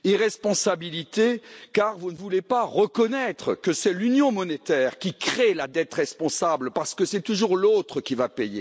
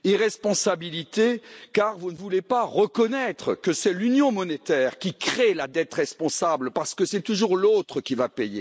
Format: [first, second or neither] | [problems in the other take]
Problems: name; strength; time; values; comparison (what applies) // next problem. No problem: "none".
first | noise reduction (neural mask model Resemble Enhance denoiser)